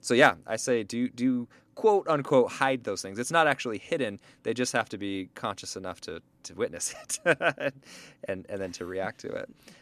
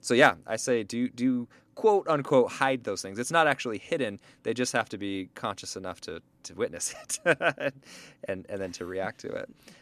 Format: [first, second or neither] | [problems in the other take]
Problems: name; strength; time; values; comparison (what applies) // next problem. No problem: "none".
neither | none